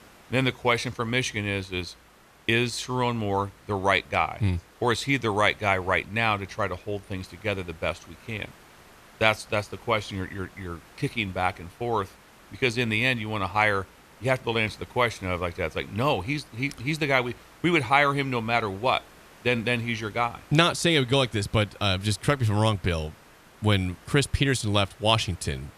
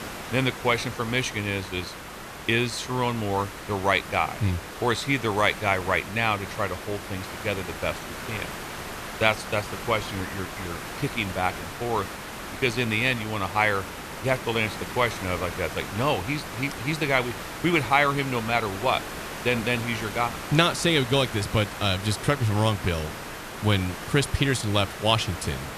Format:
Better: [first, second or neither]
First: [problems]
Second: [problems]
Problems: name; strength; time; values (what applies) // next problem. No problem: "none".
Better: first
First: hiss; faint; throughout; 25 dB below the speech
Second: hiss; loud; throughout; 10 dB below the speech